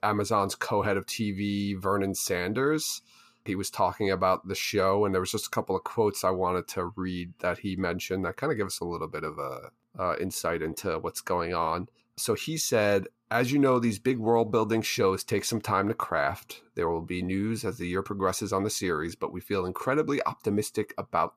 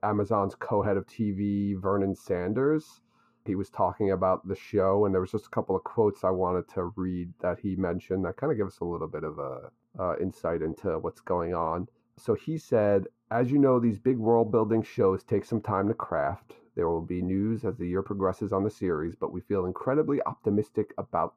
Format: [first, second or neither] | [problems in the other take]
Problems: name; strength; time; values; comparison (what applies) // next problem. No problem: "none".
first | muffled; very; fading above 2 kHz